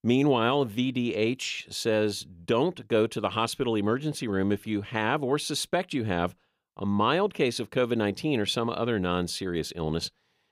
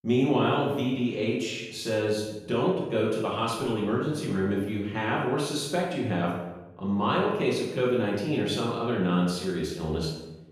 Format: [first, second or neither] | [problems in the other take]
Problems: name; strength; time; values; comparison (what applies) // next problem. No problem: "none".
first | off-mic speech; far // room echo; noticeable; dies away in 0.9 s